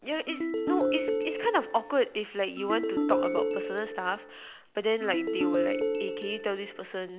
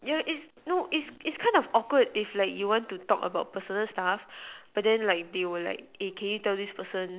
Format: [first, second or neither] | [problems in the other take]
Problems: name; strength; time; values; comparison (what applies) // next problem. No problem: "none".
second | background sound (Ringtone); 1 dB above the speech